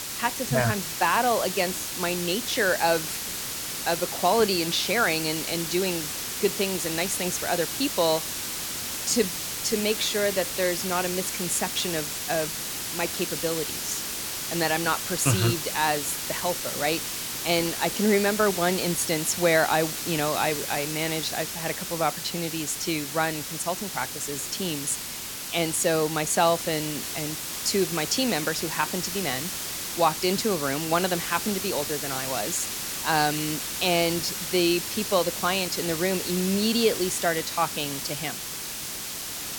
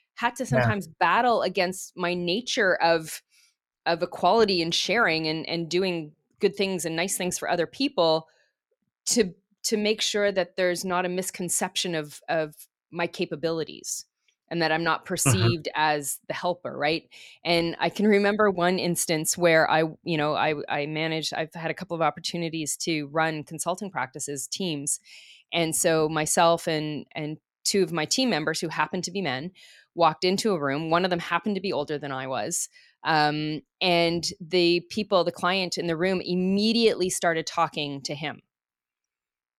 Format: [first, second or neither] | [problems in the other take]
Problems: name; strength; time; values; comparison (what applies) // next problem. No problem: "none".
second | hiss; loud; throughout; 3 dB below the speech